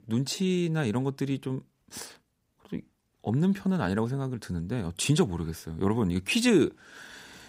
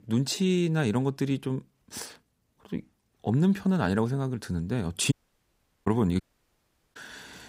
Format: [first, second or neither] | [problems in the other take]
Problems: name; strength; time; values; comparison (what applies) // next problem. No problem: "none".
first | audio cutting out; at 5 s for 0.5 s and at 6 s for 1 s